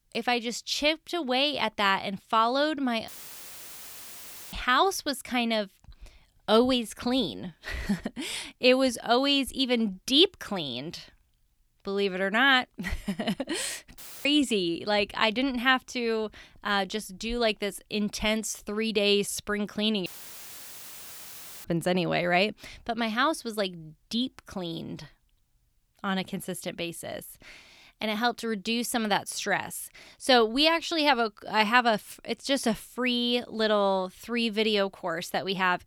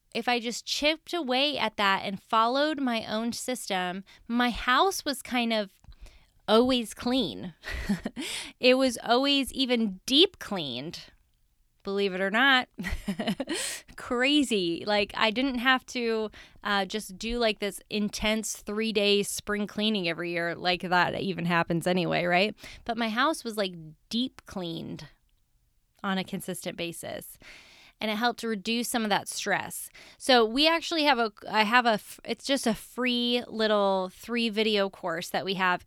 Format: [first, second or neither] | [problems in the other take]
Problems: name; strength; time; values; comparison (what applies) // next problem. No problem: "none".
second | audio cutting out; filled with static; at 3 s for 1.5 s, at 14 s and at 20 s for 1.5 s